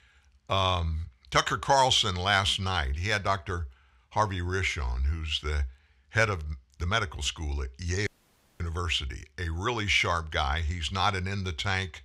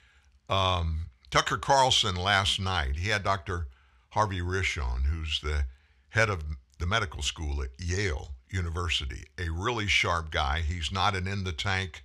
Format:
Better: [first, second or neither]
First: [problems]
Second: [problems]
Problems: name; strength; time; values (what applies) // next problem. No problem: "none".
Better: second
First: audio cutting out; at 8 s for 0.5 s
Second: none